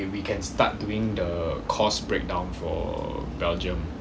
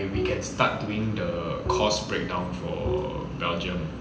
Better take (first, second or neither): first